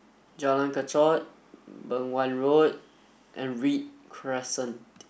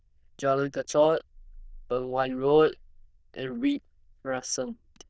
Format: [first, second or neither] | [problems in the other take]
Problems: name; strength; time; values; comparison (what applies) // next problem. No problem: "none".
first | noise reduction (neural diffusion model UNIVERSE++)